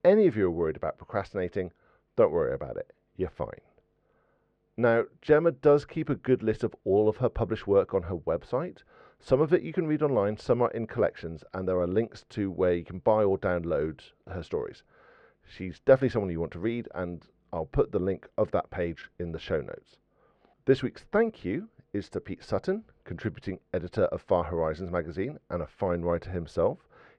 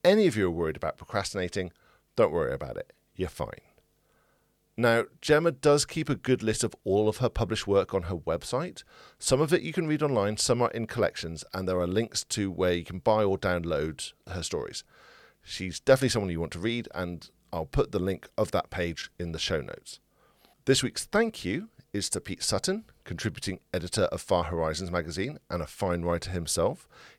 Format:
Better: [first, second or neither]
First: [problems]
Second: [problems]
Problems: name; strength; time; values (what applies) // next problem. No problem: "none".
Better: second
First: muffled; very; fading above 2 kHz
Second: none